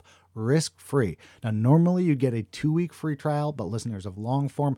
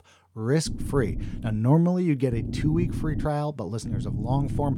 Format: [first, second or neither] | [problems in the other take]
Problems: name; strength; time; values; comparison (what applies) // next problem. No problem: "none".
first | low rumble; noticeable; at 0.5 s, at 2.5 s and at 4 s; 10 dB below the speech